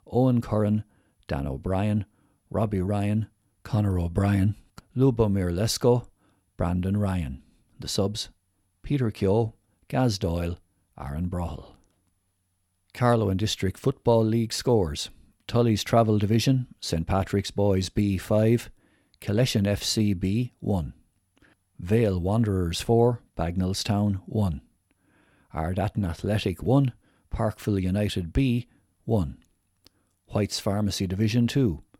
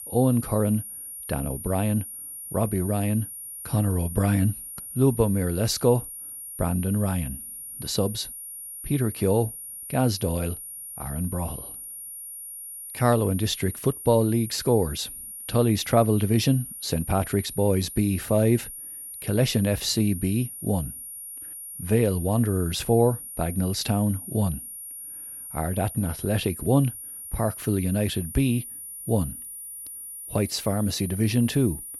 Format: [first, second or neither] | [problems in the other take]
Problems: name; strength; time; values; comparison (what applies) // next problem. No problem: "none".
first | high-pitched whine; noticeable; throughout; 9.5 kHz, 10 dB below the speech